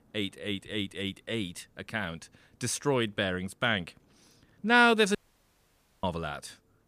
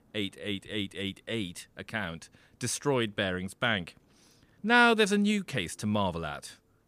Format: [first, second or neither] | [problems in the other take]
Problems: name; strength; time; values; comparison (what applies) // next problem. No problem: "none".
second | audio cutting out; at 5 s for 1 s